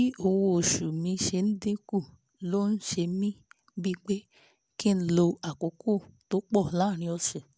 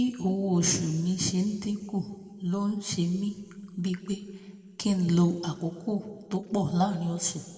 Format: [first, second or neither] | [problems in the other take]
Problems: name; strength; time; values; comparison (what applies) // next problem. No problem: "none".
first | room echo; dies away in 1.4 s